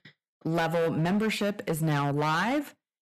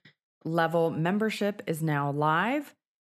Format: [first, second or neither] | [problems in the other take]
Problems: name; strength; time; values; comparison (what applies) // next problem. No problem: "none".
second | distortion; heavy; 14% of the sound clipped